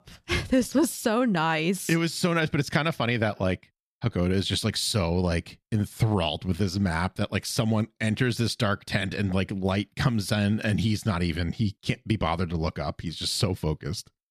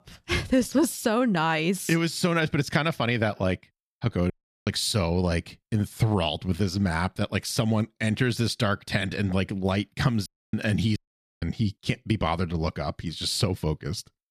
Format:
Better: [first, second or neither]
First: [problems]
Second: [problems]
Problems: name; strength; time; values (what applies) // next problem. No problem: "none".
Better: first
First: none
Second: audio cutting out; at 4.5 s, at 10 s and at 11 s